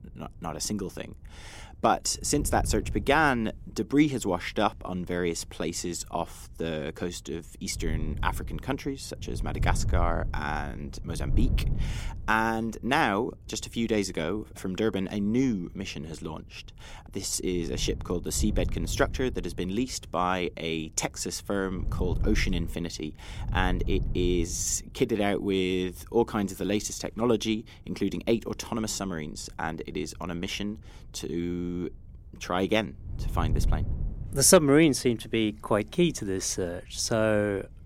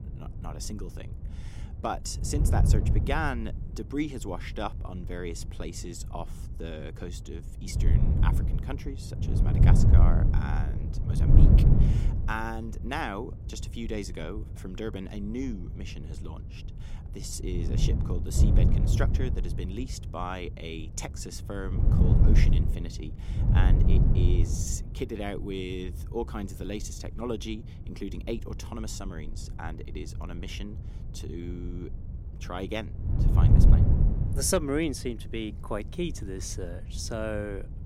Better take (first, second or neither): first